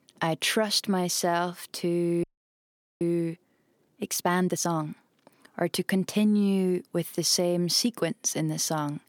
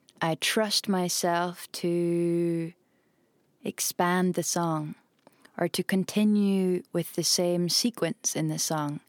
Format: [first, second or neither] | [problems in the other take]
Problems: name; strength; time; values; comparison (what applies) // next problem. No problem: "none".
second | audio freezing; at 2 s for 1 s